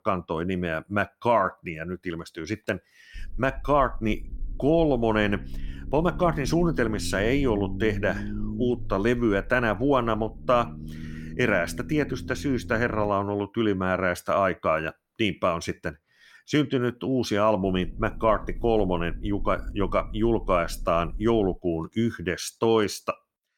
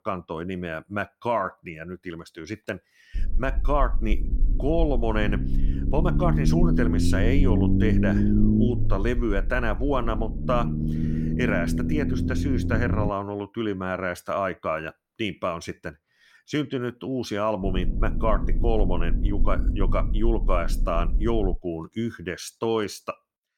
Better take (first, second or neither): first